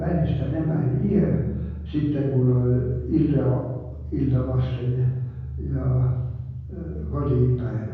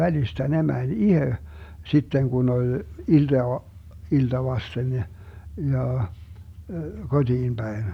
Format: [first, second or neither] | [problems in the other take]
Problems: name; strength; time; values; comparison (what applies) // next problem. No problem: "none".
second | room echo; dies away in 1.3 s